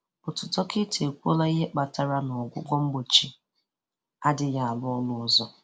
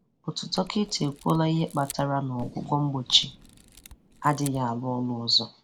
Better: first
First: none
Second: background sound (Camera + Fireworks); 19 dB below the speech

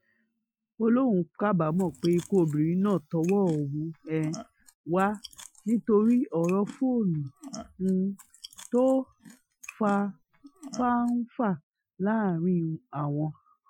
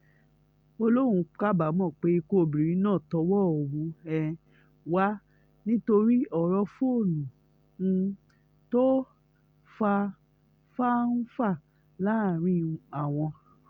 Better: second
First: noise reduction (classical method Wiener filter)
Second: none

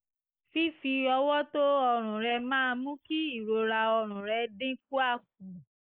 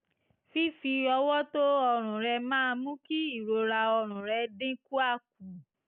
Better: second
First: noise reduction (neural mask model Resemble Enhance denoiser)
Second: none

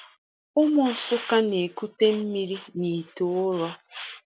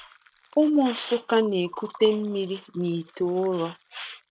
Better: first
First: none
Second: noise reduction (neural mask model RNNoise)

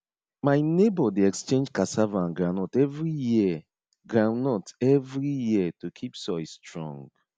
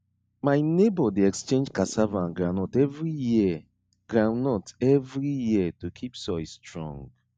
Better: first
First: none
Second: noise reduction (neural mask model DeepFilterNet 3)

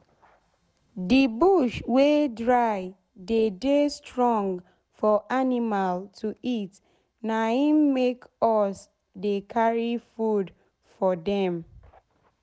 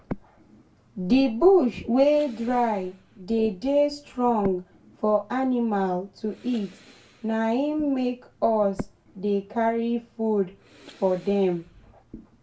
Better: first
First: none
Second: background sound (Breathing); 20 dB below the speech // room echo; dies away in 0.2 s

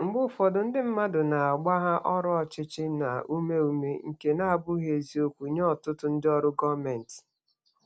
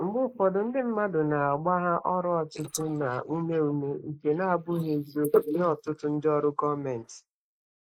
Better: first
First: none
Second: noise reduction (neural mask model Resemble Enhance denoiser)

